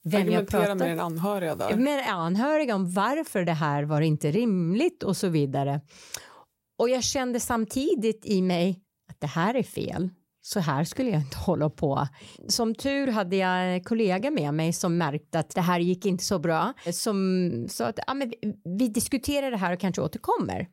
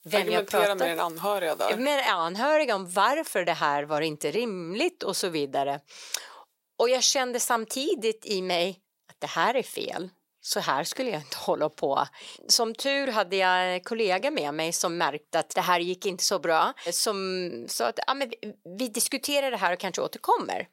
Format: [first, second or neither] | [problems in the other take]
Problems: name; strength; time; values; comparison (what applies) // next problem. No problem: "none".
first | thin; somewhat; fading below 500 Hz